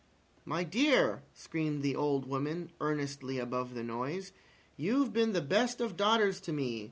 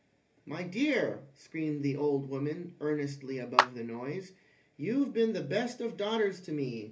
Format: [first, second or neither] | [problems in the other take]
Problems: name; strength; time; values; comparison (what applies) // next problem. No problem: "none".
first | background sound (Clapping); as loud as the speech // room echo; dies away in 0.3 s